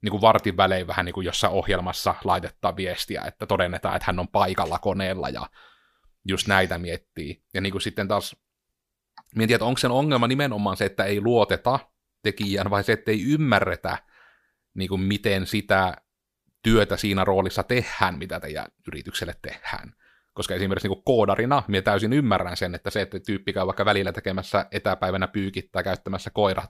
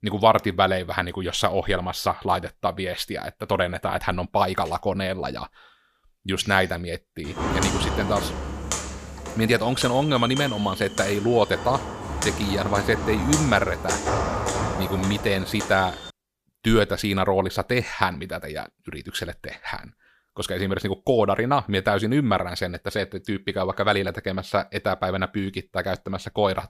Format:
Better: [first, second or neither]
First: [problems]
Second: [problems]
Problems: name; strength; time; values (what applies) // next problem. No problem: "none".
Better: first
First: none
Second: footsteps; loud; from 7.5 to 16 s; peak level with the speech